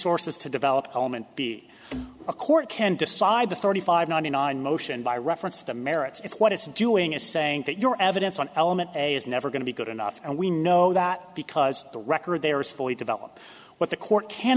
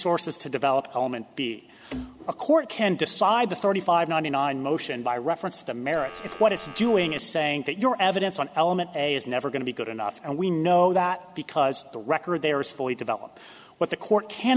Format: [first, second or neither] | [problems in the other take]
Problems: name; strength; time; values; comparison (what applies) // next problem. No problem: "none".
first | background sound (Telephone); 16 dB below the speech